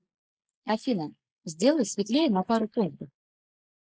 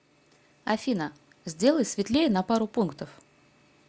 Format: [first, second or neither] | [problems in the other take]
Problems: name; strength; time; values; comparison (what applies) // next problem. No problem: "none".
second | noise reduction (neural mask model Resemble Enhance denoiser)